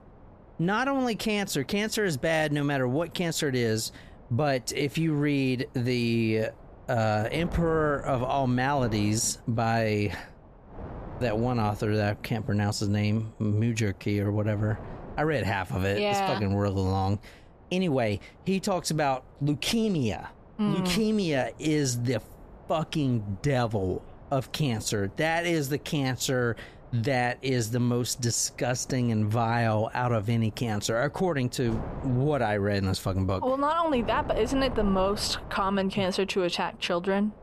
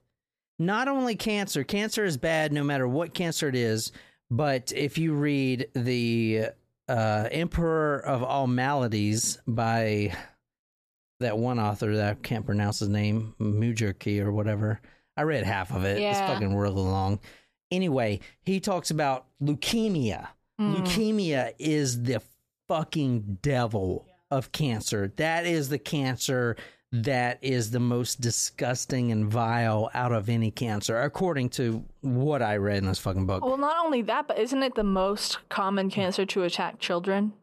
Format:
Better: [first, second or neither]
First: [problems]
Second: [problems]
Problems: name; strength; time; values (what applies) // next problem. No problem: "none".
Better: second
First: wind noise on the microphone; occasional gusts; 20 dB below the speech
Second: none